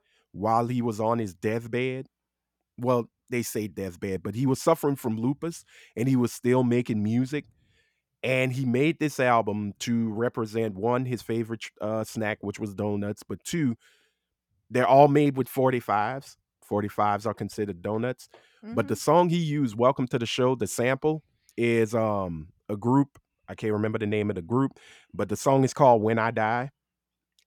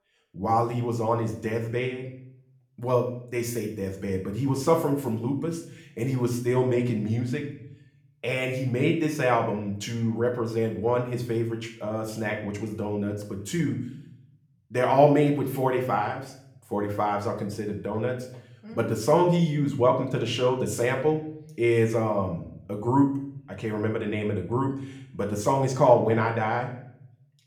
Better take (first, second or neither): first